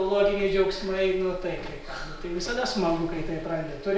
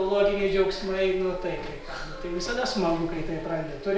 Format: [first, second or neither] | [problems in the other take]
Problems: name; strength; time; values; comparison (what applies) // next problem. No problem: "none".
first | background sound (Wind instrument, woodwind instrument); 18 dB below the speech